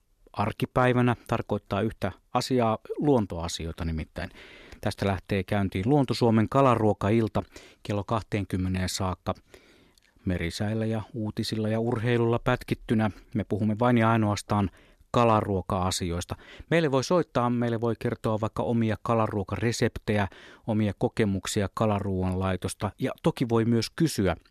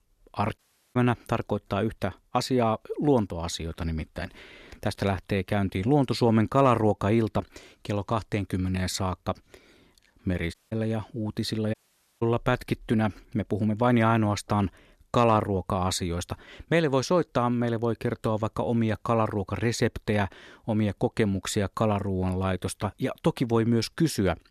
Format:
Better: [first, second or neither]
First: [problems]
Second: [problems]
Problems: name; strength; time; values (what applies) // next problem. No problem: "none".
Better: first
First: none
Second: audio cutting out; at 0.5 s, at 11 s and at 12 s